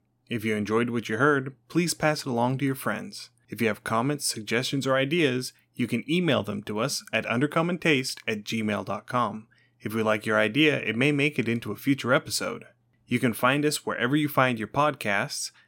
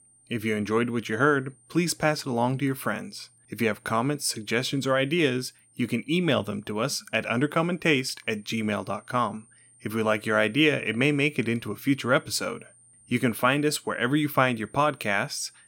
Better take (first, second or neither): first